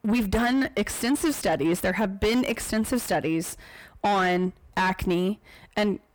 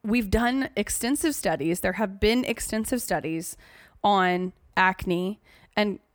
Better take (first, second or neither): second